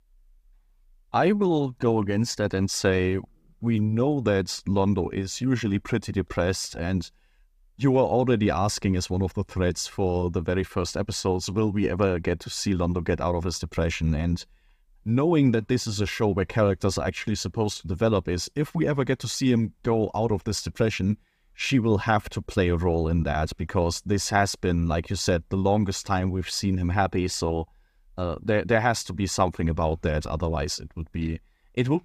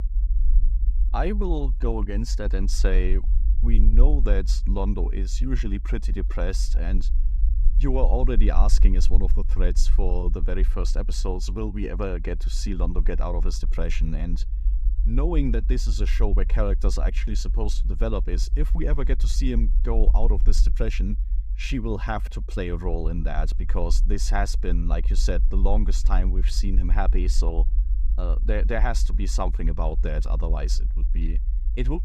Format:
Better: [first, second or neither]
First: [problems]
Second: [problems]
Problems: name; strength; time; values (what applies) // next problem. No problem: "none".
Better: first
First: none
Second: low rumble; noticeable; throughout; 15 dB below the speech